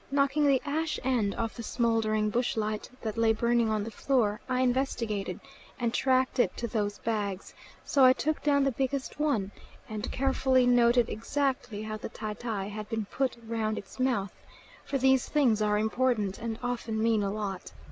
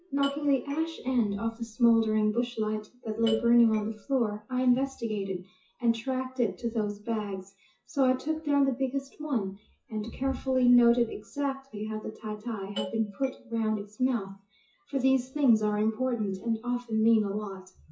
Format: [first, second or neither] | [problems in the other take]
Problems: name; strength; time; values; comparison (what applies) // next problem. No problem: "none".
first | noise reduction (classical method WPE with log-MMSE)